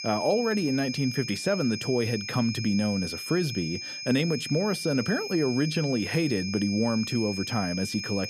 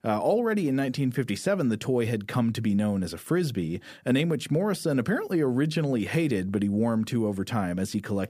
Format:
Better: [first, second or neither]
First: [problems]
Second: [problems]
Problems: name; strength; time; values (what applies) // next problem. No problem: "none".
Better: second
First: high-pitched whine; loud; throughout; 5 kHz, 6 dB below the speech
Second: none